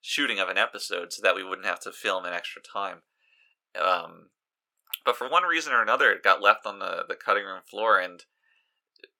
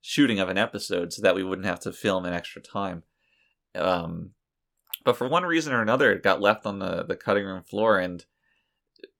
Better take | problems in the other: second | thin; very; fading below 600 Hz

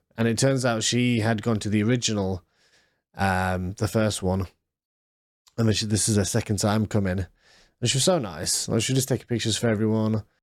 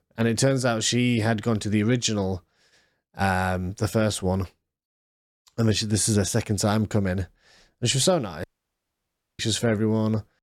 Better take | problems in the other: first | audio cutting out; at 8.5 s for 1 s

